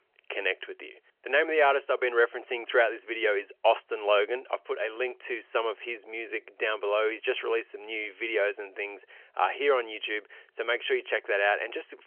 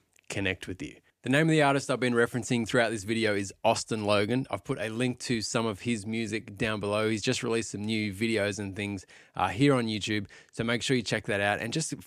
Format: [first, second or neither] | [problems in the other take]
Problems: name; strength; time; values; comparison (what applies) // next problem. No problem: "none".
second | phone-call audio; nothing above 3 kHz